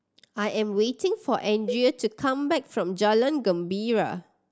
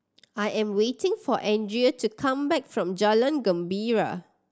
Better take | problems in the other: second | background sound (Cowbell); 14 dB below the speech

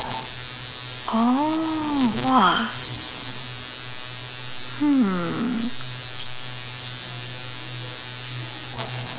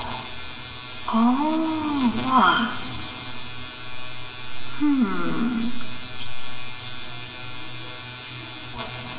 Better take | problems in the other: first | room echo; dies away in 1.8 s

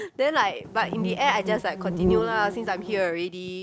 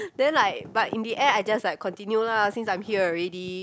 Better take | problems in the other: second | background sound (Insect); 3 dB below the speech

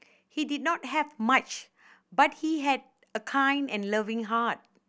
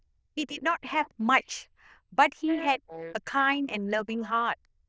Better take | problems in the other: first | noise reduction (neural diffusion model UNIVERSE++)

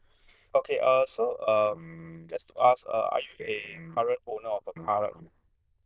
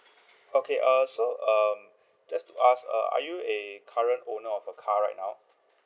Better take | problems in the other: second | noise reduction (neural diffusion model UNIVERSE++)

